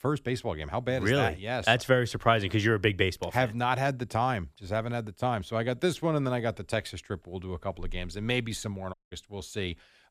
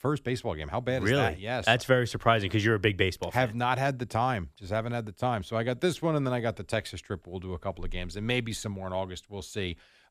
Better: second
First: audio cutting out; at 9 s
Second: none

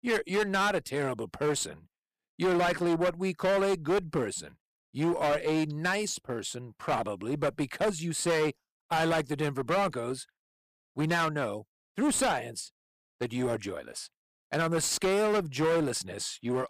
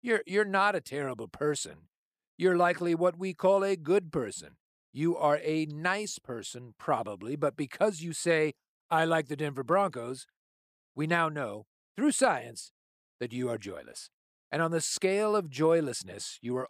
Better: second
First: distortion; heavy; 14% of the sound clipped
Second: none

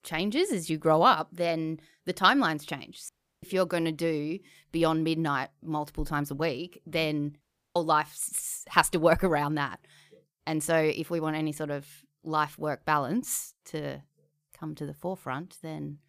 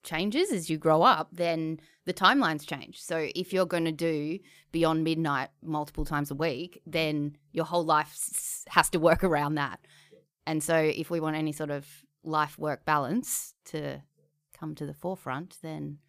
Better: second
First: audio cutting out; at 3 s and at 7.5 s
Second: none

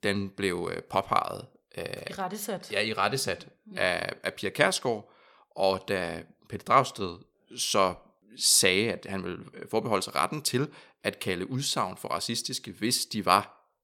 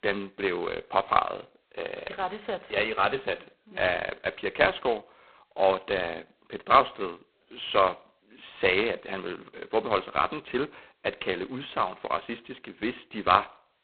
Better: first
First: none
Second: phone-call audio; poor line; nothing above 4 kHz

